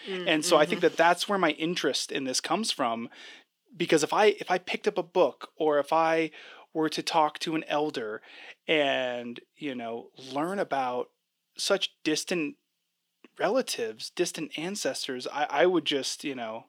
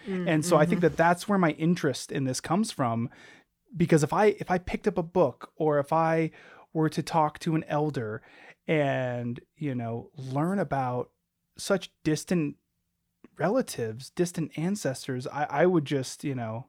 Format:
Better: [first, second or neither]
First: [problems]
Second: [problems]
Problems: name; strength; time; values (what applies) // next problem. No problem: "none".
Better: second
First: thin; somewhat; fading below 300 Hz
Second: none